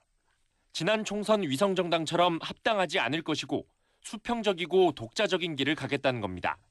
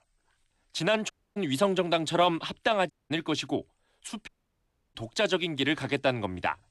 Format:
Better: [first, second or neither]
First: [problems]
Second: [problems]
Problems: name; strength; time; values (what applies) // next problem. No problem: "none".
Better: first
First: none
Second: audio cutting out; at 1 s, at 3 s and at 4.5 s for 0.5 s